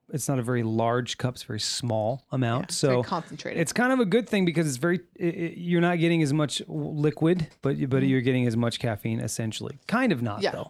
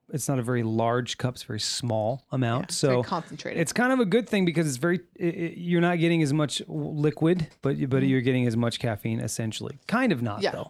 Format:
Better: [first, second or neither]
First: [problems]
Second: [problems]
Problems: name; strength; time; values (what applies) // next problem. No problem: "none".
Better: neither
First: none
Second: none